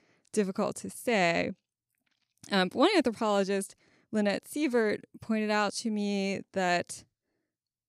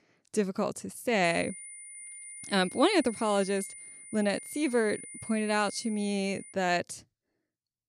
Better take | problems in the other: first | high-pitched whine; noticeable; from 1 to 6.5 s; 9.5 kHz, 15 dB below the speech

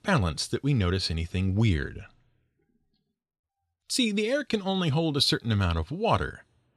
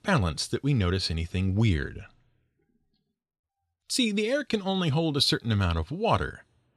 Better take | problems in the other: neither | none

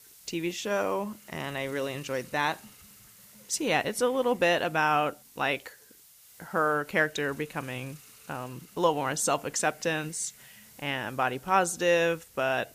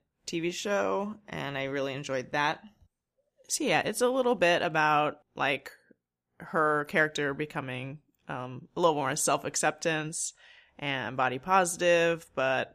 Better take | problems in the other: second | hiss; faint; throughout; 20 dB below the speech

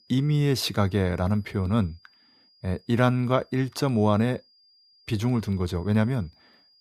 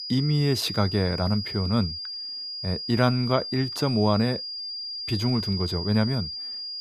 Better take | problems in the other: first | high-pitched whine; loud; throughout; 5 kHz, 6 dB below the speech; faint in the first

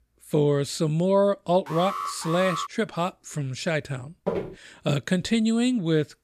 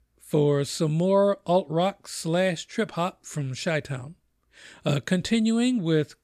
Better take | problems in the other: second | alarm; noticeable; from 1.5 to 2.5 s; peak 6 dB below the speech // footsteps; noticeable; at 4.5 s; peak 5 dB below the speech

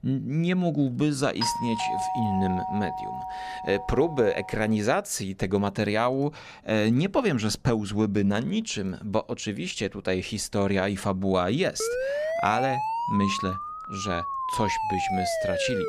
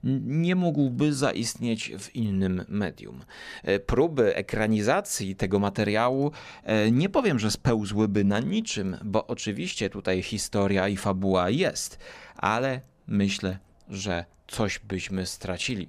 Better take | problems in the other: second | doorbell; noticeable; from 1.5 to 4.5 s; peak 1 dB below the speech // siren; noticeable; from 12 s on; peak 1 dB below the speech

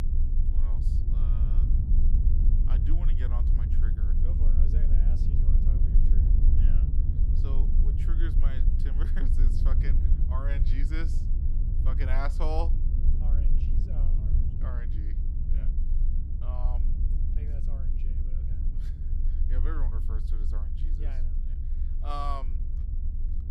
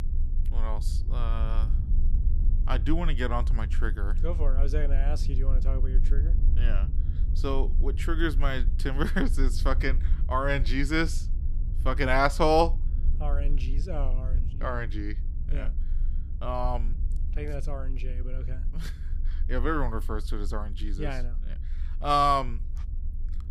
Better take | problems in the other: second | low rumble; loud; throughout; 5 dB below the speech; faint in the second

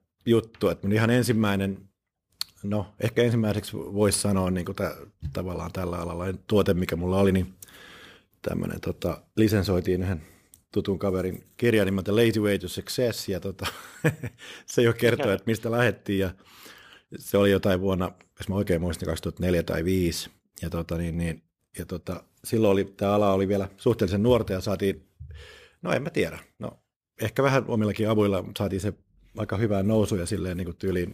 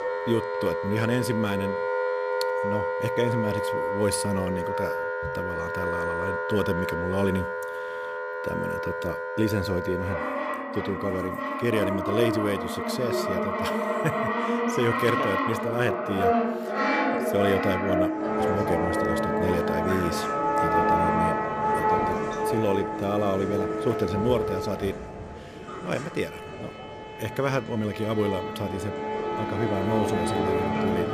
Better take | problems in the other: first | background music; very loud; throughout; 2 dB above the speech

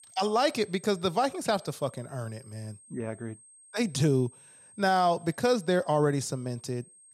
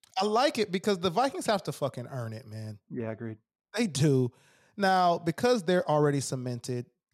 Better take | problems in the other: second | high-pitched whine; faint; throughout; 8.5 kHz, 25 dB below the speech

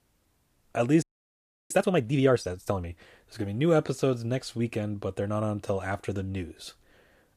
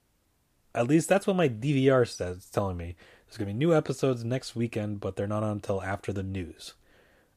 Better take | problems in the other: second | audio freezing; at 1 s for 0.5 s

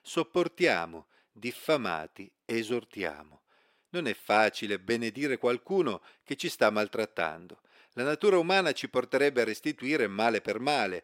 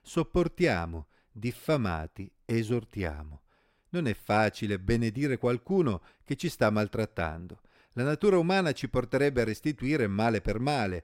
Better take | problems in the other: second | thin; somewhat; fading below 350 Hz

